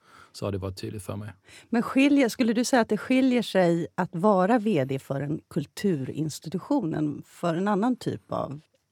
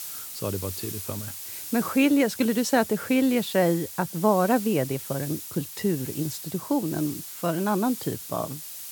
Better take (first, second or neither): first